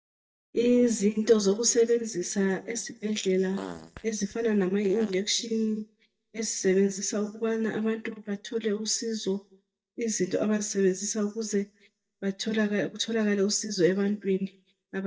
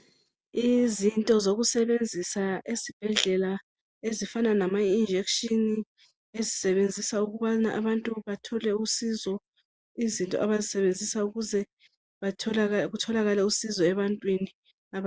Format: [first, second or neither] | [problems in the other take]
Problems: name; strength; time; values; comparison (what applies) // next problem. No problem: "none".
second | noise reduction (neural mask model DeepFilterNet 3)